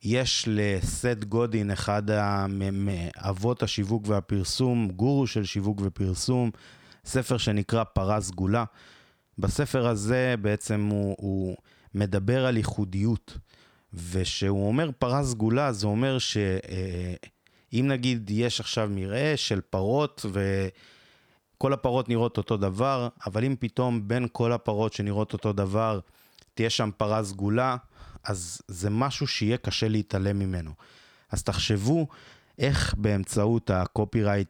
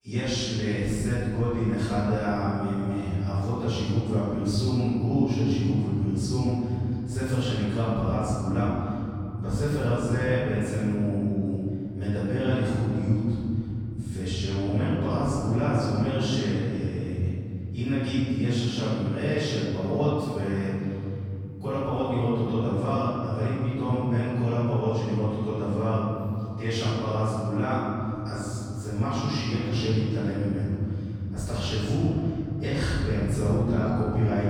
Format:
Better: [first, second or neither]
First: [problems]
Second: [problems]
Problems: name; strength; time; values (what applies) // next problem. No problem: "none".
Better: first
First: none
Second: off-mic speech; far // room echo; strong; dies away in 3 s